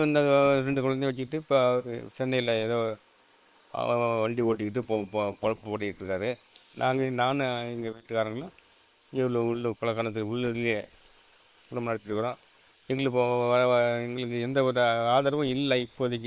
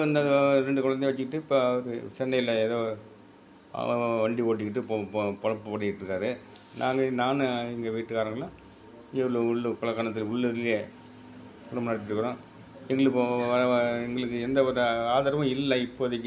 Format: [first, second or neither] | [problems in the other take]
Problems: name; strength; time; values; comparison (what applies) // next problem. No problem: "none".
second | noise reduction (neural separator model SepFormer WHAM!)